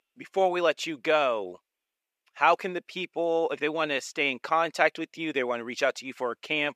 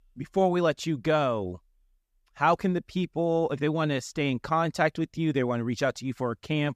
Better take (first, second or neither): second